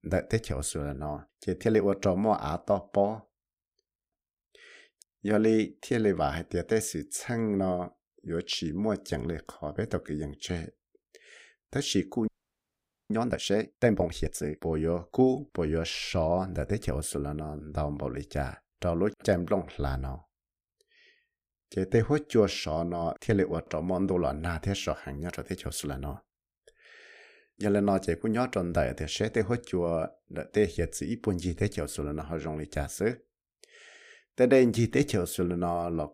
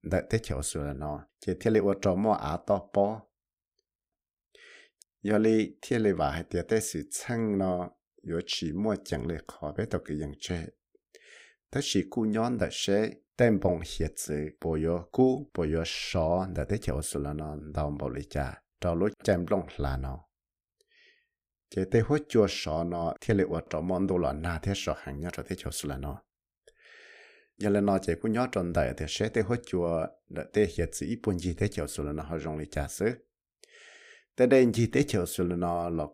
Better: second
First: audio freezing; at 12 s for 1 s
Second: none

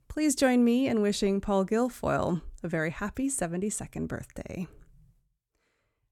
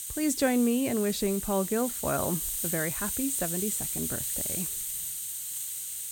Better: first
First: none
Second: hiss; loud; throughout; 1 dB below the speech

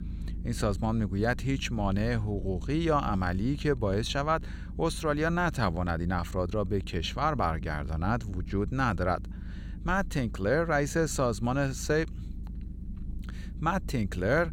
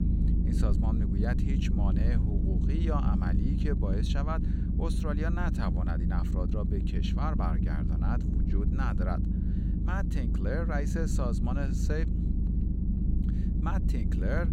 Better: first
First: low rumble; faint; throughout; 20 dB below the speech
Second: low rumble; loud; throughout; 3 dB below the speech

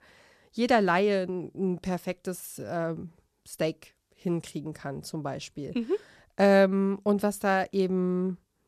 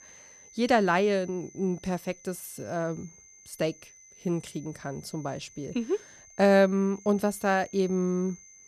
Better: first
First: none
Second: high-pitched whine; faint; throughout; 6.5 kHz, 20 dB below the speech

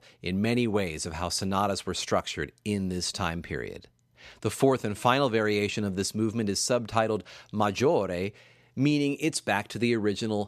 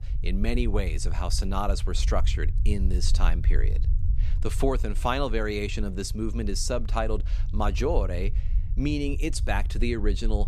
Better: first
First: none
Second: low rumble; noticeable; throughout; 20 dB below the speech

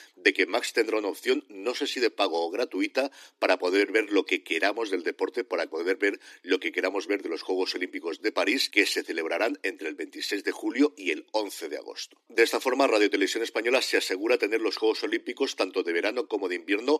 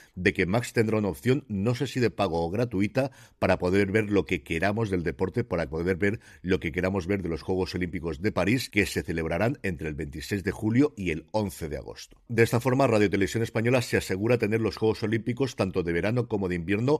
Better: second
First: thin; somewhat; fading below 300 Hz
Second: none

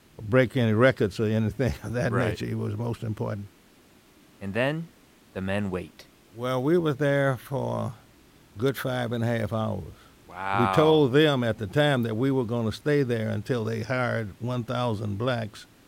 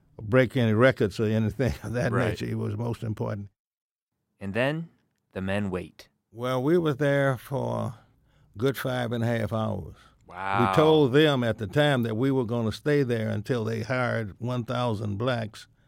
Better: second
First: hiss; faint; throughout; 30 dB below the speech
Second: none

